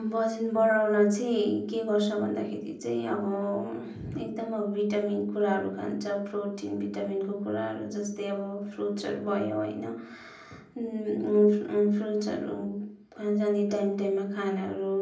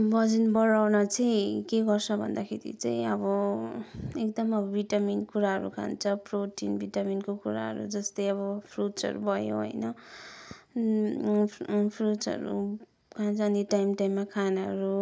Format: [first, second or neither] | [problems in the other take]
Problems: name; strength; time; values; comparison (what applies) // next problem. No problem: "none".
second | room echo; dies away in 0.6 s